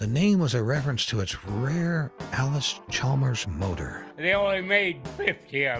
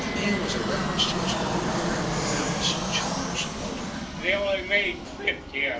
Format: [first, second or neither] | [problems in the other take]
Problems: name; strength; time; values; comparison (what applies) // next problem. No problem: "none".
first | background sound (Fixed-wing aircraft, airplane); as loud as the speech // room echo; dies away in 0.3 s